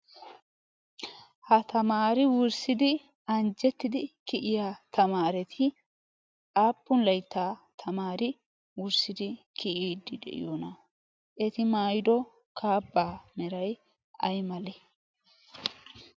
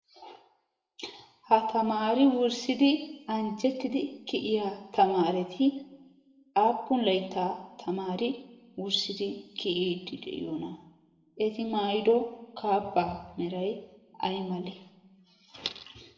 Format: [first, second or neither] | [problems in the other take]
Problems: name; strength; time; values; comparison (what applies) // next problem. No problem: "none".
first | room echo; dies away in 0.9 s